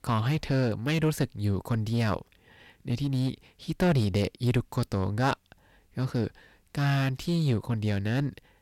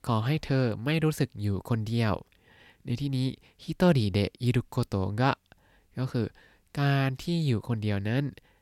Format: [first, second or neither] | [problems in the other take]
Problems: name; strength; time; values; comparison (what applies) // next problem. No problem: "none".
second | distortion; slight; 6% of the sound clipped